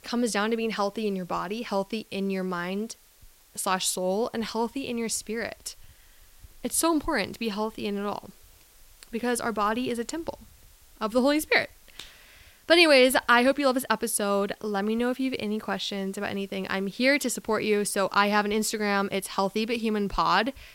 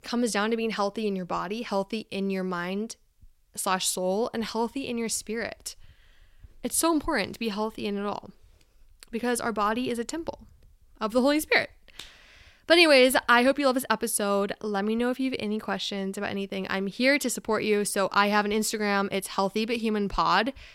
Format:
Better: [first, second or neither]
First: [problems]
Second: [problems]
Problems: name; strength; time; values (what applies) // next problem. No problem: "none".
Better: second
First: hiss; faint; throughout; 30 dB below the speech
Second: none